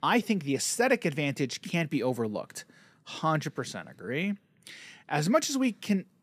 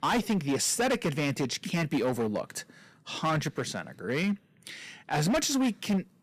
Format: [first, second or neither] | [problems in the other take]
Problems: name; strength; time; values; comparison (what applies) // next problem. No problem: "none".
first | distortion; heavy; 12% of the sound clipped